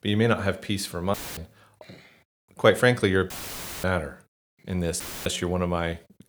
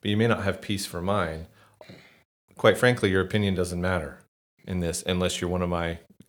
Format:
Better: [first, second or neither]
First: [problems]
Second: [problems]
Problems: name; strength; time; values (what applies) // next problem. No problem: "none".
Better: second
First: audio cutting out; filled with static; at 1 s, at 3.5 s for 0.5 s and at 5 s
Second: none